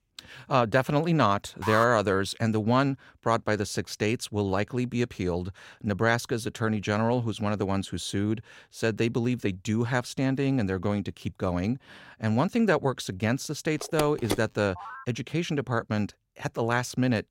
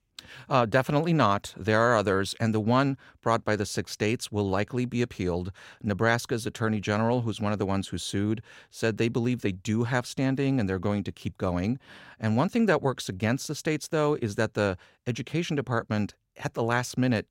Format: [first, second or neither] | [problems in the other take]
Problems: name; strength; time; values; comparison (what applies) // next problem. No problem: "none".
second | alarm; noticeable; at 1.5 s; peak 4 dB below the speech // phone ringing; noticeable; from 14 to 15 s; peak 6 dB below the speech